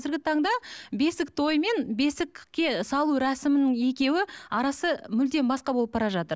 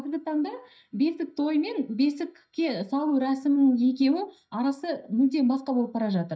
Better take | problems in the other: first | noise reduction (neural mask model DeepFilterNet 3)

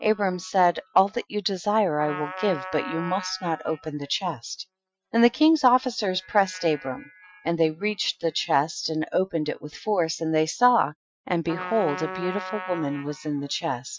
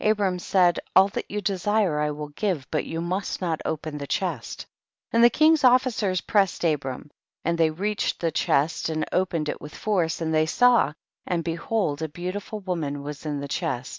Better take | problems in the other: second | noise reduction (classical method Wiener filter)

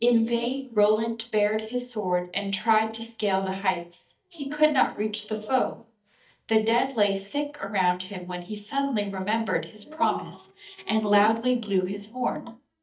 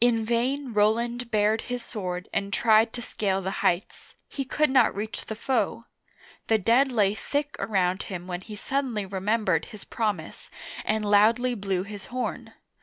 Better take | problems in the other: second | noise reduction (neural mask model DeepFilterNet 3)

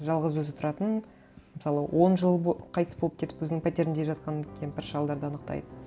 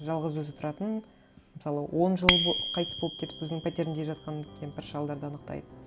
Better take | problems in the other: first | background sound (Bicycle bell); 3 dB below the speech

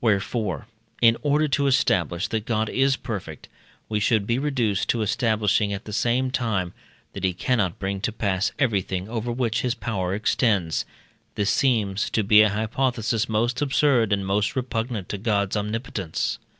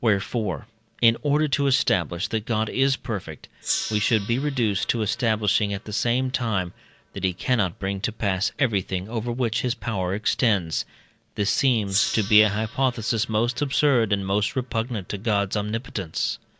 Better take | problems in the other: first | background sound (Gong); 16 dB below the speech

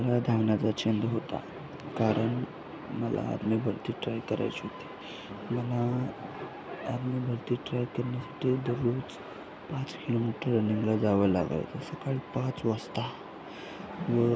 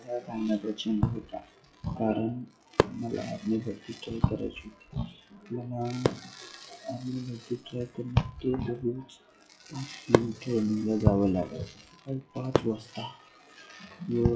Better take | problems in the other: first | noise reduction (classical method WPE with log-MMSE)

